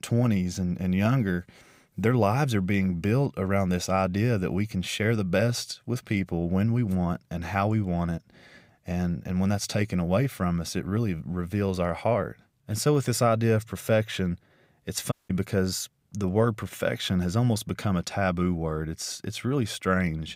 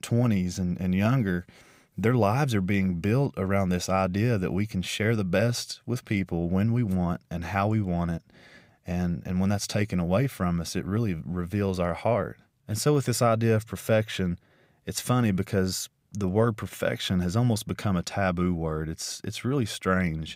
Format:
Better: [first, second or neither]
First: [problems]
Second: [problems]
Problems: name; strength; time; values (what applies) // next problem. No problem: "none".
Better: second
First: audio cutting out; at 15 s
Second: none